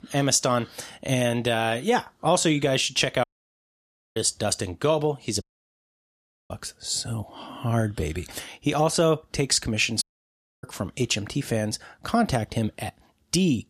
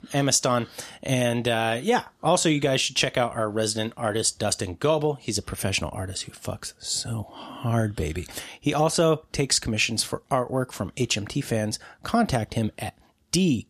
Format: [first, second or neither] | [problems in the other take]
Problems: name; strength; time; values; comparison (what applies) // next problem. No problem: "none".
second | audio cutting out; at 3 s for 1 s, at 5.5 s for 1 s and at 10 s for 0.5 s